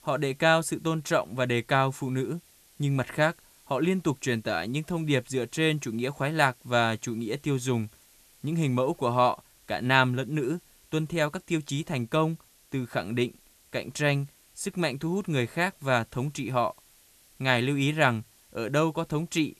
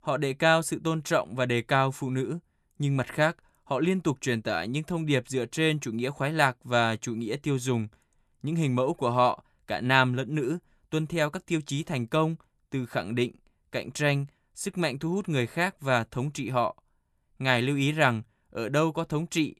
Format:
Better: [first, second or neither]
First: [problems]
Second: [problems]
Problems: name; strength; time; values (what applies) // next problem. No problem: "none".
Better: second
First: hiss; faint; throughout; 30 dB below the speech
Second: none